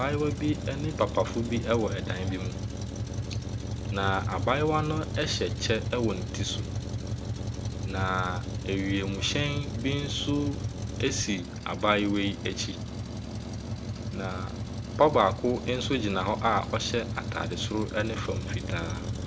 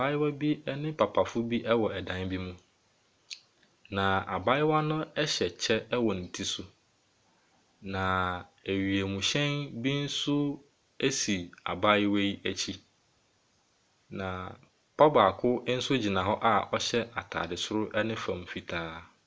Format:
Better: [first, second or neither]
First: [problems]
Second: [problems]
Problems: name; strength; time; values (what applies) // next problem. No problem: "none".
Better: second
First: background sound (Truck); 3 dB below the speech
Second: none